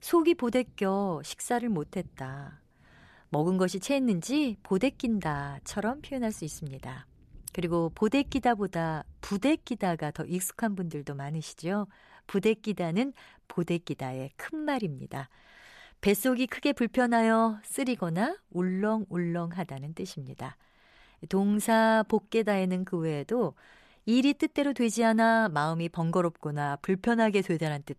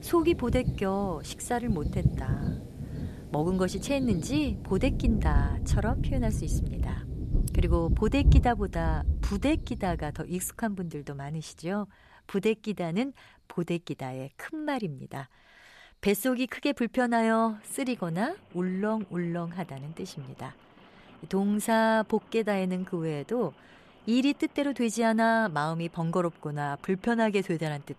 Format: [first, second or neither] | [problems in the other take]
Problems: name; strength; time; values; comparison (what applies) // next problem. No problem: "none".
first | rain or running water; loud; throughout; 2 dB below the speech; faint in the first